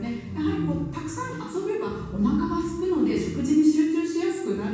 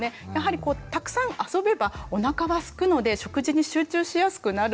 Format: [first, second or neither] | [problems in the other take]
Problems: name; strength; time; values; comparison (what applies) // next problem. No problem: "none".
second | room echo; dies away in 1.2 s